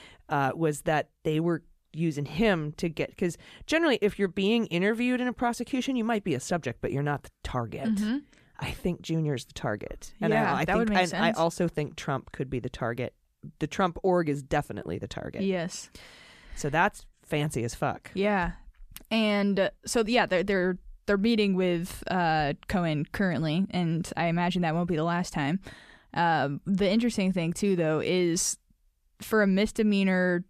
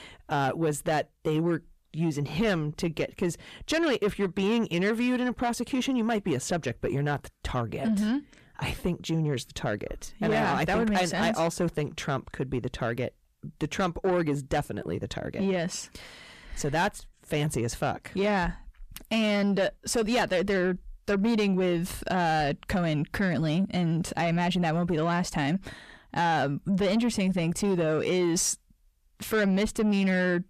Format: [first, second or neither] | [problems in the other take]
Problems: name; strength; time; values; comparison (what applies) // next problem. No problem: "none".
first | distortion; slight; 10 dB below the speech